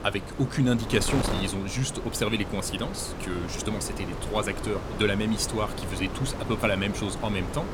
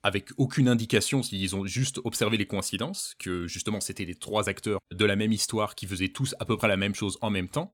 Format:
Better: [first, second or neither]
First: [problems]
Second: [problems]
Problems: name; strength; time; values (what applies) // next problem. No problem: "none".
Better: second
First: wind noise on the microphone; heavy; 6 dB below the speech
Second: none